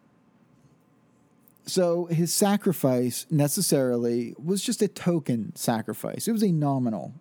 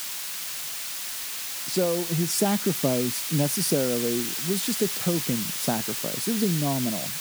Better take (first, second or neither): first